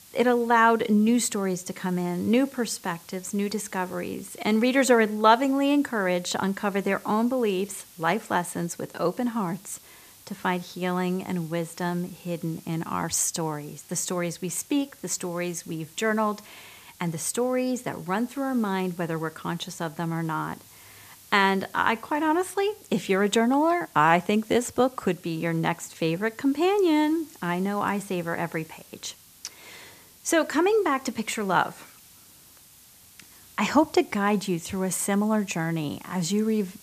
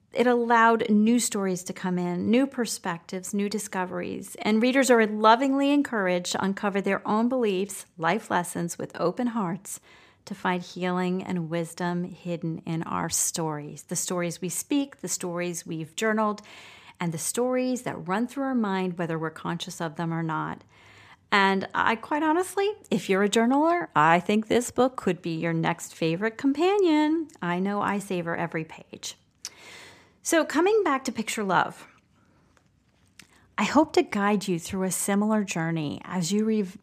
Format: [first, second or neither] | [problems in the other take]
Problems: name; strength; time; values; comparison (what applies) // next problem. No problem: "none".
second | hiss; faint; throughout; 25 dB below the speech